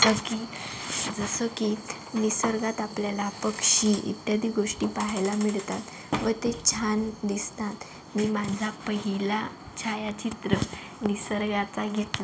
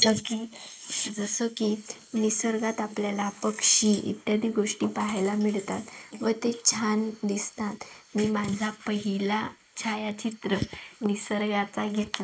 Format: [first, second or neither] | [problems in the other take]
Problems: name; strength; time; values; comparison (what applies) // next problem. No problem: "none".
first | noise reduction (neural mask model Resemble Enhance denoiser)